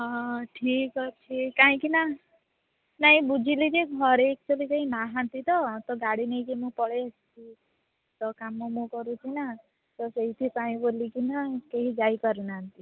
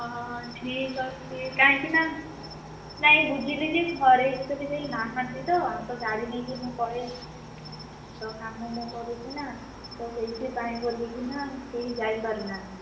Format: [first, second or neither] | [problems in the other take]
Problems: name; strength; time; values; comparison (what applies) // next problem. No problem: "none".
first | background sound (Cricket); 14 dB below the speech // room echo; dies away in 0.7 s